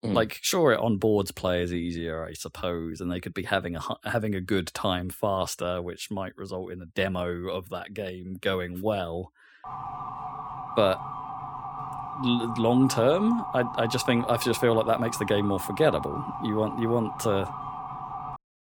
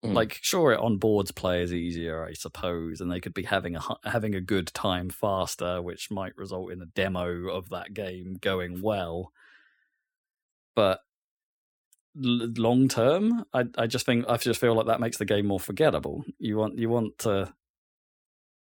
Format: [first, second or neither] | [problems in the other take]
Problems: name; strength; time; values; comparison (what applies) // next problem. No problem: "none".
second | siren; noticeable; from 9.5 s on; peak 7 dB below the speech